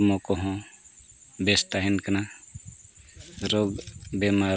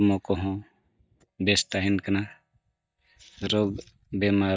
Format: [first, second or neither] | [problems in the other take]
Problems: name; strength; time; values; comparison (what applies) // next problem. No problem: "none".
first | noise reduction (neural mask model DeepFilterNet 3)